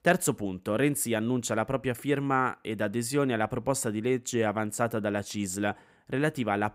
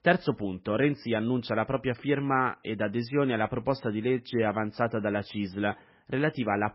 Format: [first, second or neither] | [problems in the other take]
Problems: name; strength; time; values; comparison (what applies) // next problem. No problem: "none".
first | garbled, watery; badly; nothing above 5.5 kHz